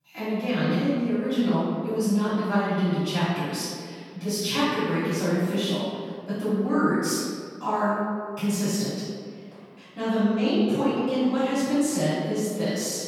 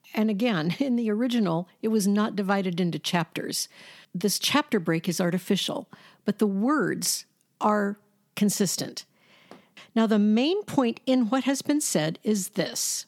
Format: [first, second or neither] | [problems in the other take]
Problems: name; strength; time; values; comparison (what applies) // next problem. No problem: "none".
second | room echo; strong; dies away in 1.8 s // off-mic speech; far